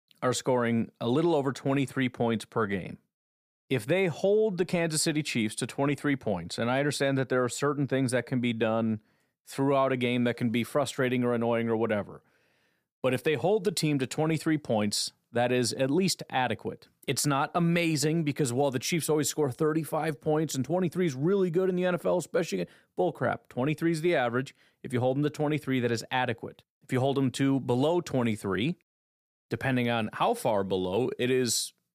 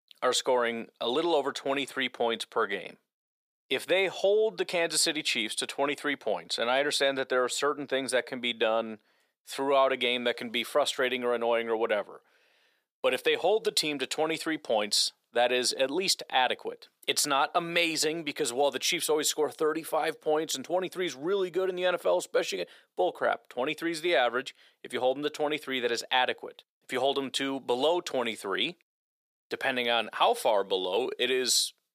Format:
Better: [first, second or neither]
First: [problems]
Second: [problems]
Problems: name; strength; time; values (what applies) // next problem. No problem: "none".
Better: first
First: none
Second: thin; somewhat; fading below 500 Hz